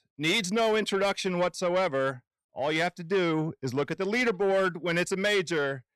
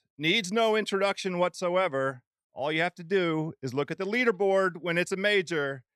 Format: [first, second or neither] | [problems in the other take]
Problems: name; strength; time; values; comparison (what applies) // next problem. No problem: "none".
second | distortion; slight; 10 dB below the speech